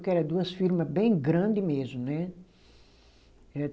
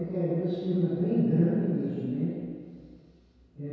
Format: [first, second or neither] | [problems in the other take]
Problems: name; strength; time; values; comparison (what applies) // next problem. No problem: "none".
first | room echo; dies away in 2 s